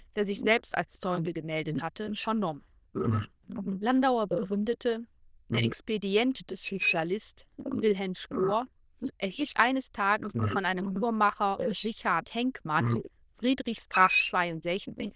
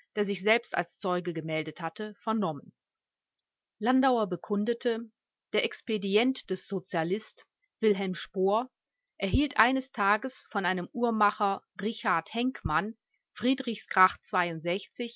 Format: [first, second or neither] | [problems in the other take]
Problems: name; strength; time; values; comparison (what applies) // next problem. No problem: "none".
second | noise reduction (neural diffusion model UNIVERSE++)